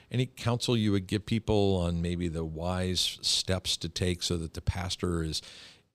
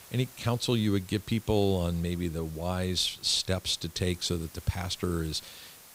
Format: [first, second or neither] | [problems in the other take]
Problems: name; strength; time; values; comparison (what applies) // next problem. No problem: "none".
first | hiss; faint; throughout; 20 dB below the speech